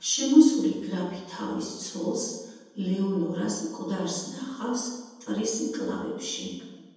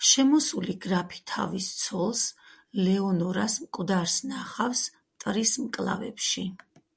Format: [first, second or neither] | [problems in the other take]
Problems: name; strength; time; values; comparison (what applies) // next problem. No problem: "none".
second | room echo; dies away in 1.1 s